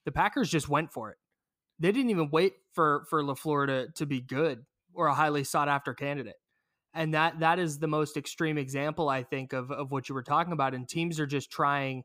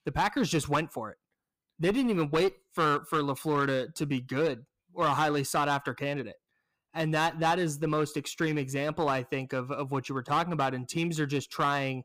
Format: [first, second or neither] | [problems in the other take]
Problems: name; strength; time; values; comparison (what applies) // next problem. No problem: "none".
first | distortion; slight; 6% of the sound clipped